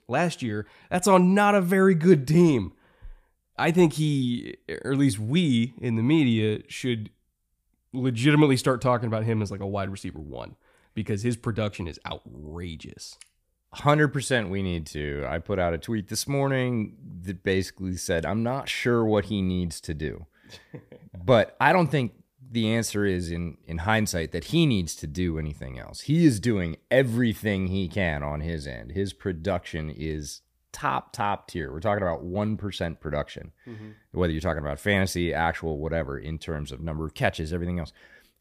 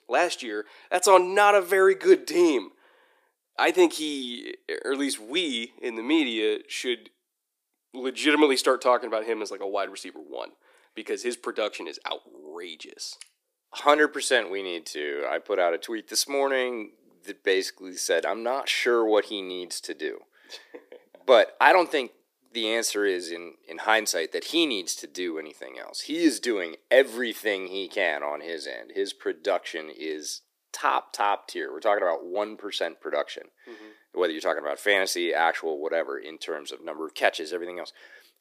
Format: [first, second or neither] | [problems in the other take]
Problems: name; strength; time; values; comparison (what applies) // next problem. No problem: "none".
first | thin; very; fading below 300 Hz